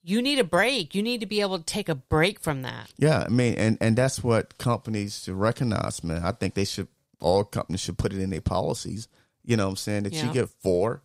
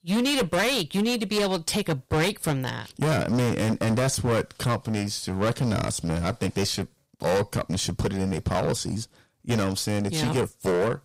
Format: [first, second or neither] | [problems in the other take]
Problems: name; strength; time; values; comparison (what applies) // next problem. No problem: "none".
first | distortion; heavy; 18% of the sound clipped